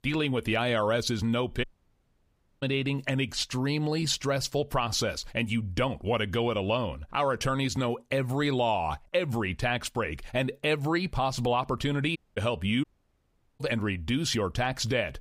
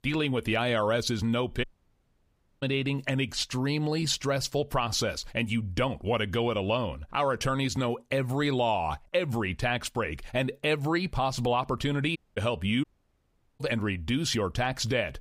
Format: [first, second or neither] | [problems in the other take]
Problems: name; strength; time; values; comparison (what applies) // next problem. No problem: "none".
neither | audio cutting out; at 1.5 s for 1 s, at 12 s and at 13 s for 1 s; the same in both